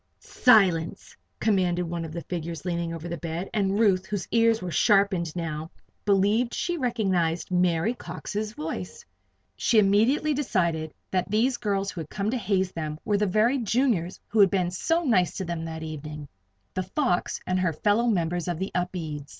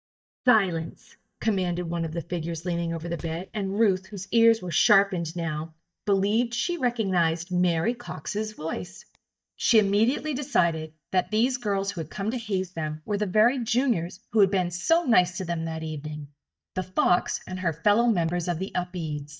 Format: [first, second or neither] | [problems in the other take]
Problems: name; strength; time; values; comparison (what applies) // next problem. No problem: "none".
first | noise reduction (neural mask model DeepFilterNet 3)